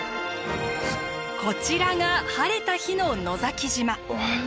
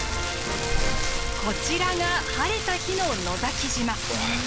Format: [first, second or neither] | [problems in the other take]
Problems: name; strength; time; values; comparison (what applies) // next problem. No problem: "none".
first | background sound (Rain); as loud as the speech